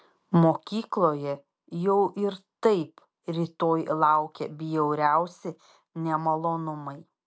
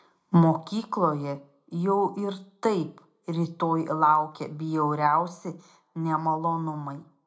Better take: first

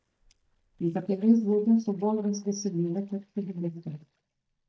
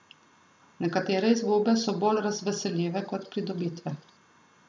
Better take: second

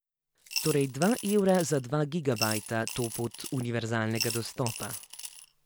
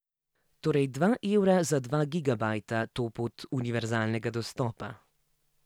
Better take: second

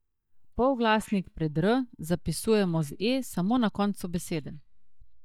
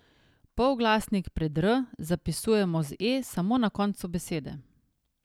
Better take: second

